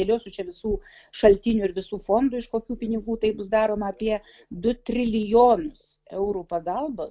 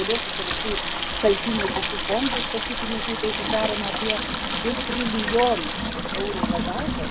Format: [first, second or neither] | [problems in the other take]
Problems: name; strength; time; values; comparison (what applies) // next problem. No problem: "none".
first | background sound (Sink (filling or washing) / Water tap, faucet); as loud as the speech